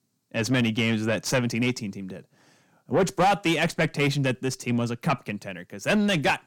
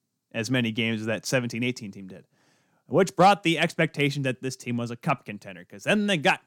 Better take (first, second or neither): second